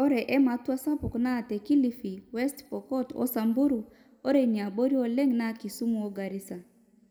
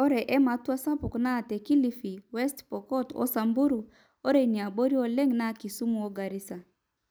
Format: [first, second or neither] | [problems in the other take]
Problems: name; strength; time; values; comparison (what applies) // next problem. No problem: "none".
second | room echo; dies away in 1.4 s